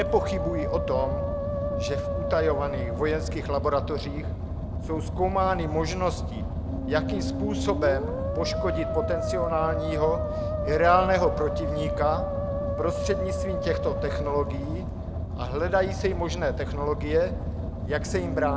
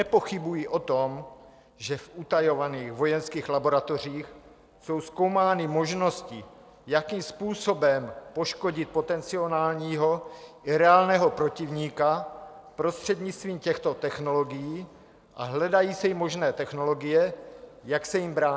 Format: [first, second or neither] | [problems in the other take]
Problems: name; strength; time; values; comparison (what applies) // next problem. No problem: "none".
second | background sound (Car + Musical instrument); 1 dB below the speech